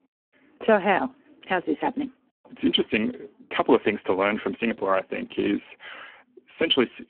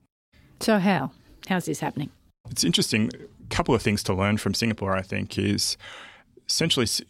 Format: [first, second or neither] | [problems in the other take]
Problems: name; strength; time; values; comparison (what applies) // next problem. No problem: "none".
second | phone-call audio; poor line; nothing above 3 kHz